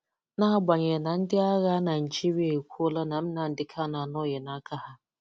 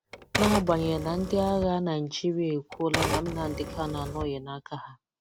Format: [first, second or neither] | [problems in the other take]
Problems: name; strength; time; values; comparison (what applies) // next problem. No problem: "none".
first | background sound (Typewriter); 5 dB below the speech